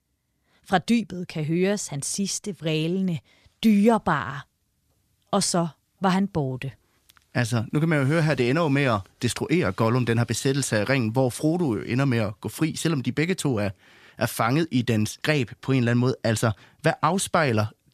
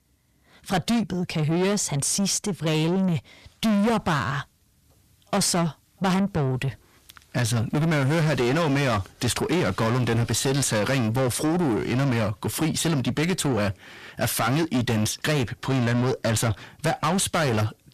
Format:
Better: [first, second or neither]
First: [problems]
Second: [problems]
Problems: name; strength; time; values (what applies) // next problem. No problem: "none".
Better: first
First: none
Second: distortion; heavy; 6 dB below the speech